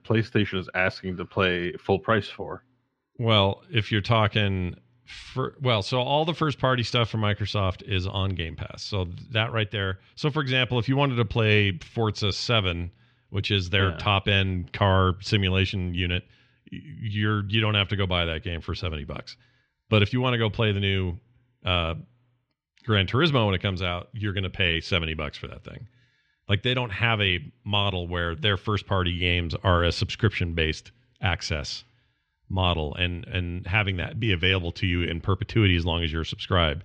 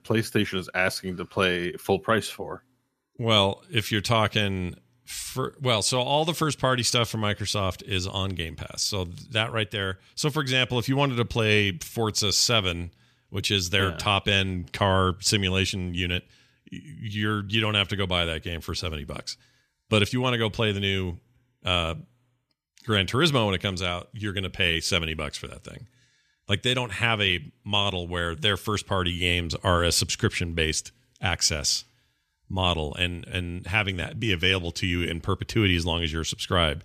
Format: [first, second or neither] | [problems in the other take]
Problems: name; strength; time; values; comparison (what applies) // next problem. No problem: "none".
second | muffled; slightly; fading above 3.5 kHz